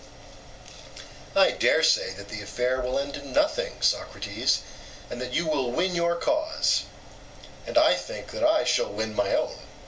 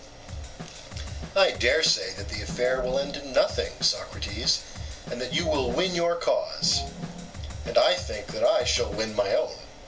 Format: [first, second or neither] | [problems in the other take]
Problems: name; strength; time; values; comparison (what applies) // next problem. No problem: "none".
first | background sound (Drum kit + Organ); 10 dB below the speech